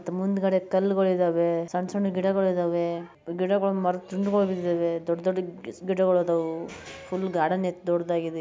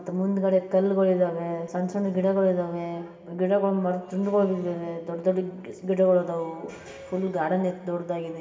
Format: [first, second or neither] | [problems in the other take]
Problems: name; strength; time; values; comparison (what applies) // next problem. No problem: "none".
first | room echo; dies away in 1.8 s